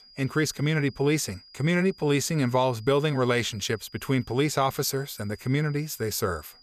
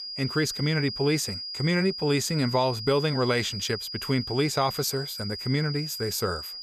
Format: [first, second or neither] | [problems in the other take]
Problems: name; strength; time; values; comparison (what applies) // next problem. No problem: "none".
first | high-pitched whine; loud; throughout; 5 kHz, 6 dB below the speech; faint in the first